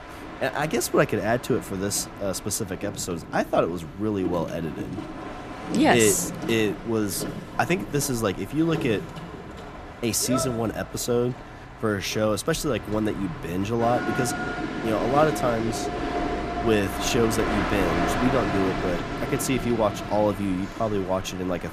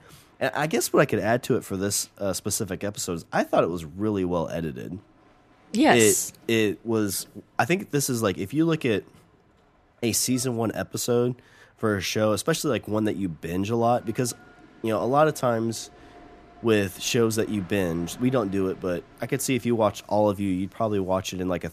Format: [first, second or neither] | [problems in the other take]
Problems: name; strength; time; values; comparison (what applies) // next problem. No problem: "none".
second | train or aircraft noise; loud; throughout; 6 dB below the speech; faint in the second